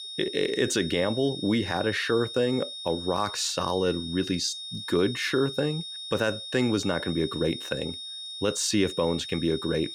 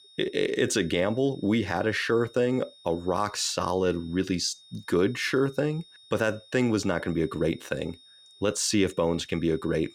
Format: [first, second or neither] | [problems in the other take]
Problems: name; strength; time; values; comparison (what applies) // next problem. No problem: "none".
second | high-pitched whine; loud; throughout; 3.5 kHz, 8 dB below the speech; faint in the second